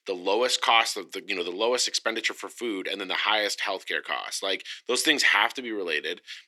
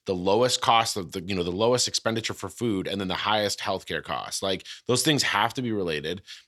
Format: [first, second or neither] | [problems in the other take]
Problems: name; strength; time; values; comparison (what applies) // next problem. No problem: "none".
second | thin; somewhat; fading below 300 Hz